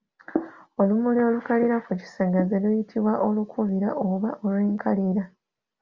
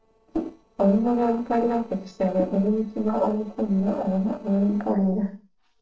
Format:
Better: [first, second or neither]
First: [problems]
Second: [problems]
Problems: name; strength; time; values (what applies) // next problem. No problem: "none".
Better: first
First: none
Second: noise reduction (neural separator model SepFormer DNS4)